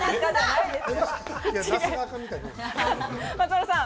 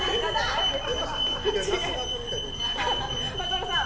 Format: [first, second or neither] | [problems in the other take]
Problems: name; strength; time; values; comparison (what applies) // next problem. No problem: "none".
first | background sound (Alarm); 1 dB below the speech // room echo; dies away in 2.1 s